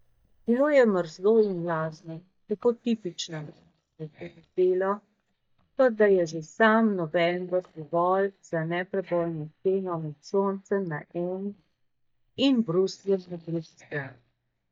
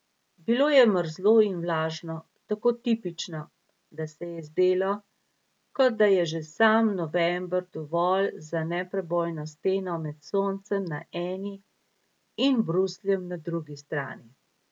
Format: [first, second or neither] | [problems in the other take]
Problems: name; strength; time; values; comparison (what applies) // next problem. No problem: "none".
second | noise reduction (neural mask model DeepFilterNet 3)